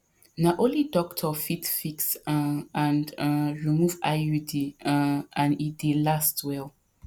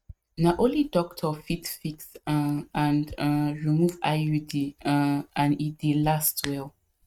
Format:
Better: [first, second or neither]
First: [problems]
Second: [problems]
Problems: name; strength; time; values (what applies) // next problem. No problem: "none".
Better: first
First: none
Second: noise reduction (neural mask model RNNoise)